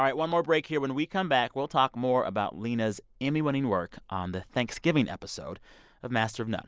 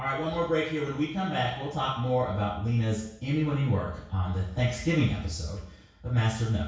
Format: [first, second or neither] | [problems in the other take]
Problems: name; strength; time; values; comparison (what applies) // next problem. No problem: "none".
first | room echo; dies away in 0.6 s